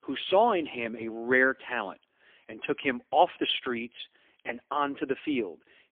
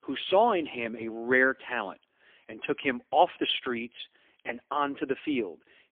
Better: neither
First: phone-call audio; poor line; nothing above 3.5 kHz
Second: phone-call audio; poor line; nothing above 3.5 kHz

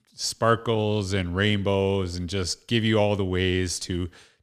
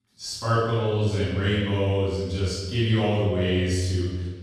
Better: first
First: none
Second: off-mic speech; far // room echo; strong; dies away in 1.4 s

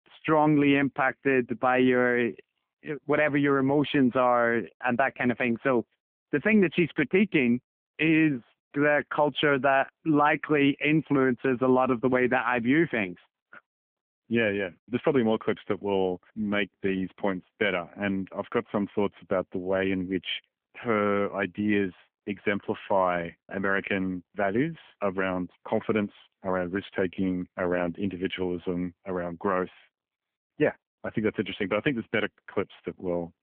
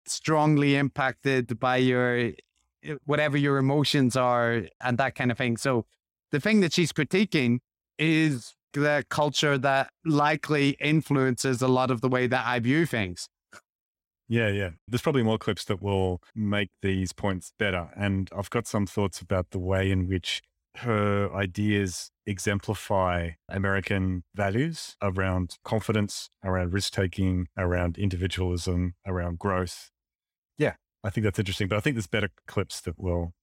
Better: second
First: phone-call audio; nothing above 3.5 kHz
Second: none

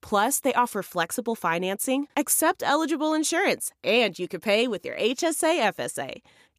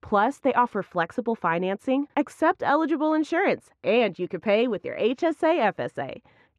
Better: first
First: none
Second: muffled; very; fading above 2 kHz

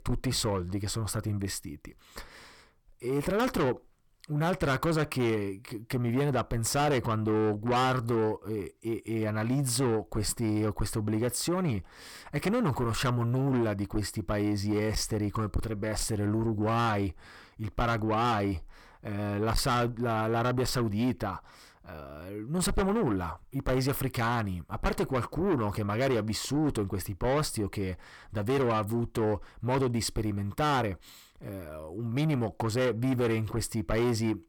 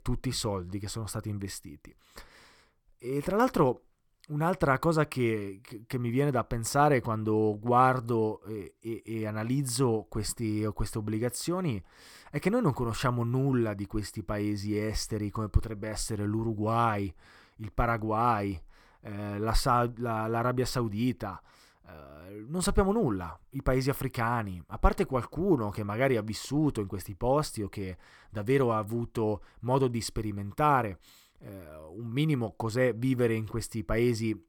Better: second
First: distortion; heavy; 7 dB below the speech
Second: none

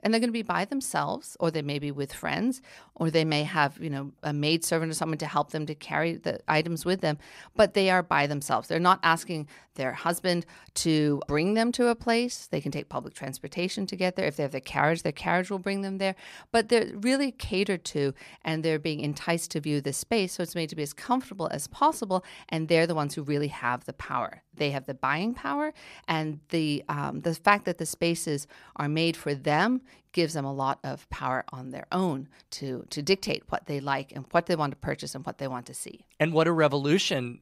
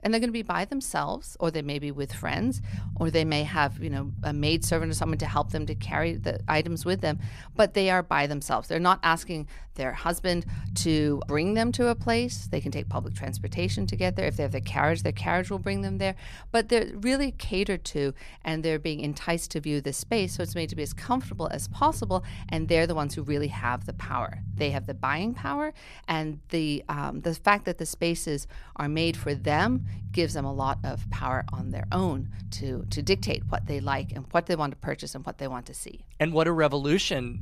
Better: first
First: none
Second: low rumble; faint; throughout; 20 dB below the speech

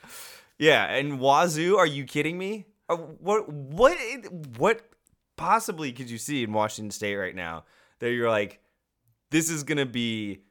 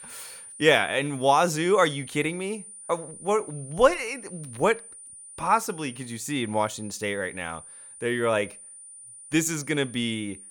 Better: first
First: none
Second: high-pitched whine; noticeable; throughout; 9.5 kHz, 15 dB below the speech

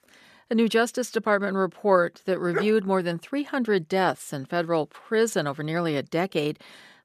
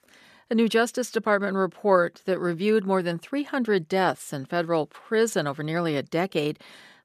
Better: second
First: dog barking; noticeable; at 2.5 s; peak 6 dB below the speech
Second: none

